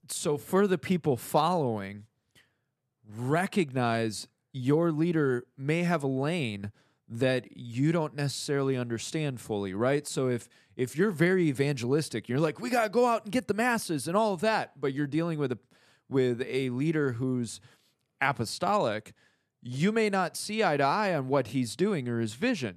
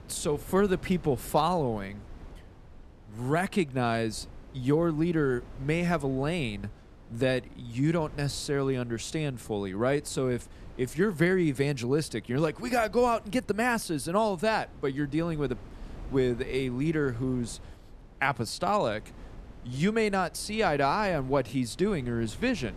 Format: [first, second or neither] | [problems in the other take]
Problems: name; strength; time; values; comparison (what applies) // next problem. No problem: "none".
first | wind noise on the microphone; occasional gusts; 25 dB below the speech